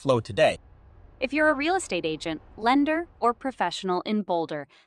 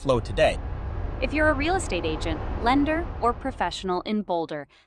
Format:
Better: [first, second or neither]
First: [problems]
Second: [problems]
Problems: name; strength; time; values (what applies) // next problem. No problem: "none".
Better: first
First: train or aircraft noise; faint; until 3.5 s; 30 dB below the speech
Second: train or aircraft noise; loud; until 3.5 s; 8 dB below the speech